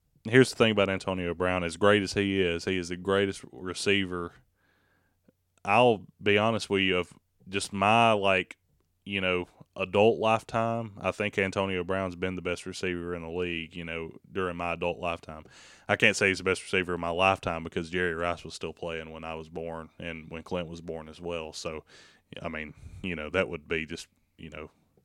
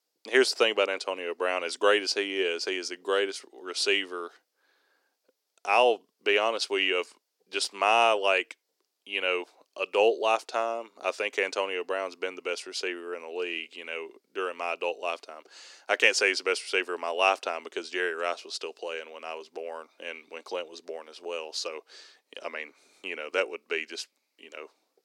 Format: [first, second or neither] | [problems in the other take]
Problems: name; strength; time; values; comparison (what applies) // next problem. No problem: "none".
first | thin; very; fading below 350 Hz